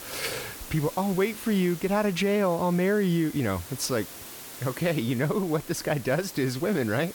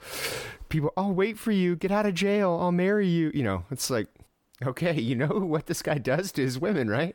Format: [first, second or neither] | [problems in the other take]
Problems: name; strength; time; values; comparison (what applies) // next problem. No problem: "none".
second | hiss; noticeable; throughout; 15 dB below the speech